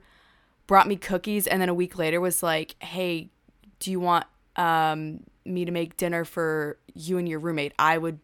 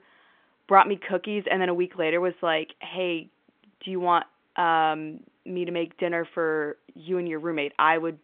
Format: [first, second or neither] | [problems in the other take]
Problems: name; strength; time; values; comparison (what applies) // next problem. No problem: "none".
first | phone-call audio